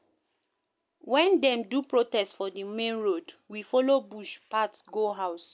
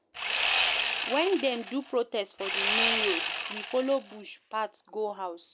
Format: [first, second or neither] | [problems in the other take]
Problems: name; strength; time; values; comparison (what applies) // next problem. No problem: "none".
first | background sound (Sawing); 2 dB above the speech